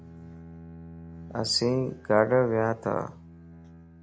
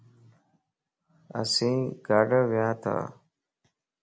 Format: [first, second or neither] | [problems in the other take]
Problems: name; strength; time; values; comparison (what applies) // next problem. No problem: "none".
second | background sound (Bowed string instrument); 18 dB below the speech